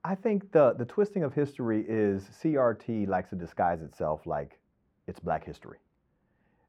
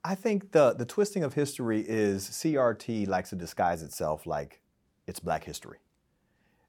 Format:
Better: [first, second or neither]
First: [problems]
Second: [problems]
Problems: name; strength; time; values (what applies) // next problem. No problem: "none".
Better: second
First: muffled; very; fading above 3.5 kHz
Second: none